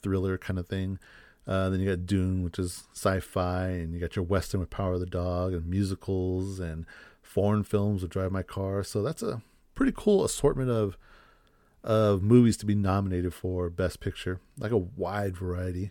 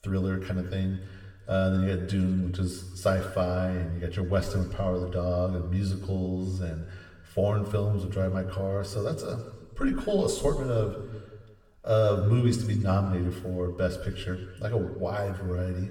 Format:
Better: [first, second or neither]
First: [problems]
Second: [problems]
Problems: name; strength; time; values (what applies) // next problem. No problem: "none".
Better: first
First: none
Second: room echo; slight; dies away in 1.2 s // off-mic speech; somewhat distant